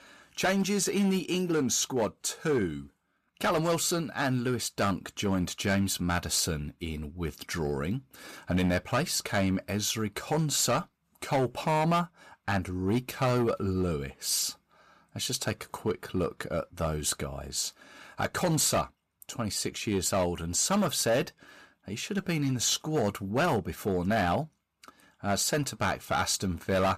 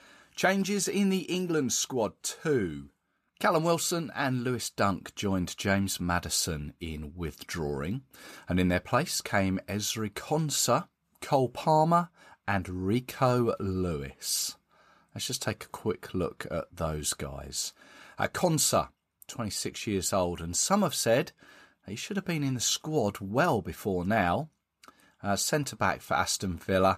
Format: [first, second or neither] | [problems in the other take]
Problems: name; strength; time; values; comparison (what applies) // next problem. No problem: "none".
second | distortion; slight; 6% of the sound clipped